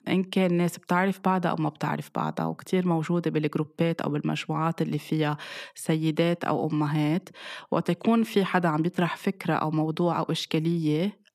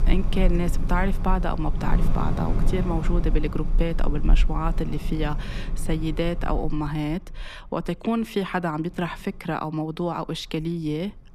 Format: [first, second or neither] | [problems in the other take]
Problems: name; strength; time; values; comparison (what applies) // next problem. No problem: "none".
first | wind in the background; loud; throughout; as loud as the speech